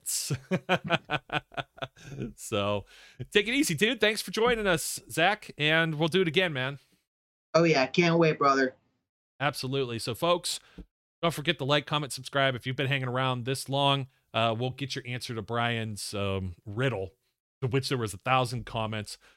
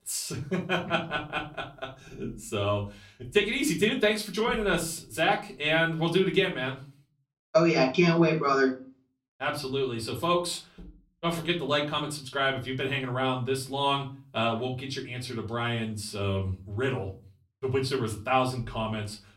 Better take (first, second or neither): first